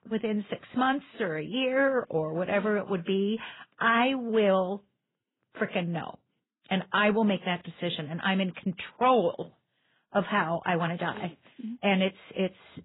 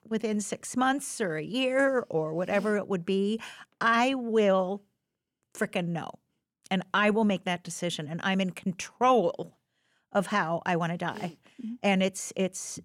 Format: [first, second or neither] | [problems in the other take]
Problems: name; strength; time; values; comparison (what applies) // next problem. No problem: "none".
second | garbled, watery; badly; nothing above 3.5 kHz